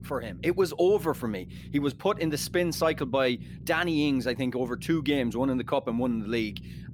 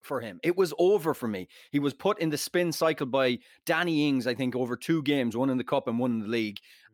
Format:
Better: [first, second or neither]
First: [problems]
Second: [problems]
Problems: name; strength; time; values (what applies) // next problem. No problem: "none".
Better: second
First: low rumble; faint; throughout; 25 dB below the speech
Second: none